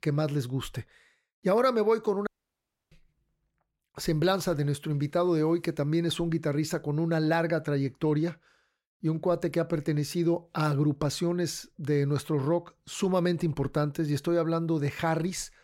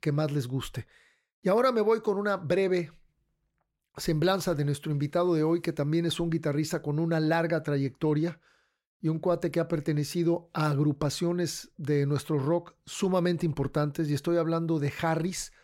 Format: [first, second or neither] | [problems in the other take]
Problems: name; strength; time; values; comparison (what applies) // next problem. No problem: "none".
second | audio cutting out; at 2.5 s for 0.5 s